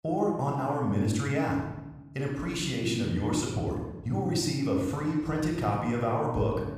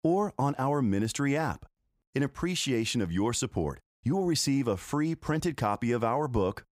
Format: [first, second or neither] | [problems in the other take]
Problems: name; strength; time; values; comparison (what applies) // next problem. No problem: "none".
second | off-mic speech; somewhat distant // room echo; noticeable; dies away in 0.9 s